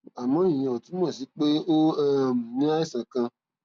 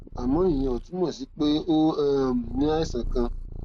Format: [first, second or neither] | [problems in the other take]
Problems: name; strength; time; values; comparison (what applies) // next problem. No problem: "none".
first | background sound (Purr); 9 dB below the speech